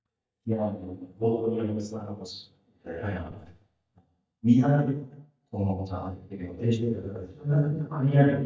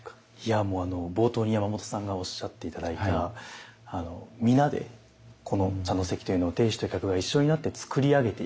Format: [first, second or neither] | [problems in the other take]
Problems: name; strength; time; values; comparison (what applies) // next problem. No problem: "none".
second | noise reduction (neural mask model DeepFilterNet 3)